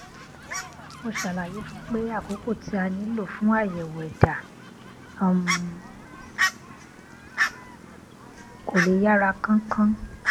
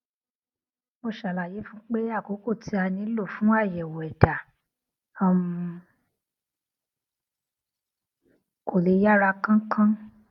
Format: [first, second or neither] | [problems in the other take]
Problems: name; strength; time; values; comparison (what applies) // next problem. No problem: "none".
second | background sound (Fowl); 6 dB below the speech